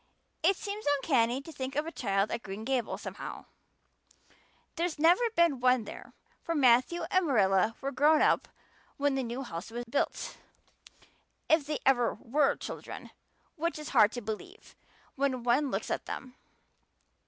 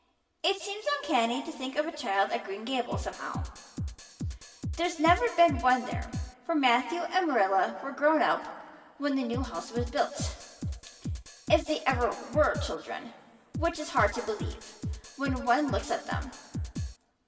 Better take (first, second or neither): first